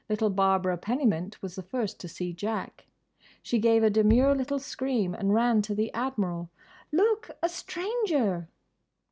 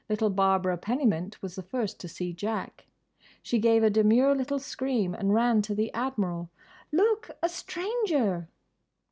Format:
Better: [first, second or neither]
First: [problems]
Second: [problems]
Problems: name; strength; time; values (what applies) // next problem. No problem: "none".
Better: second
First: background sound (Bass drum); 12 dB below the speech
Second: none